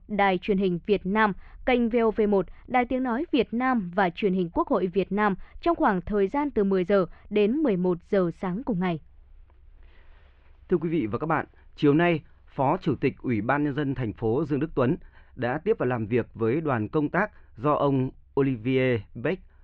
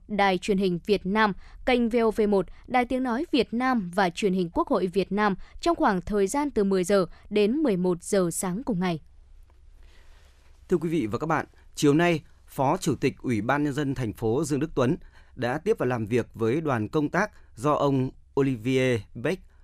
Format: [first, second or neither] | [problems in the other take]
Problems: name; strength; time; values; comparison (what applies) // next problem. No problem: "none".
second | muffled; very; fading above 3 kHz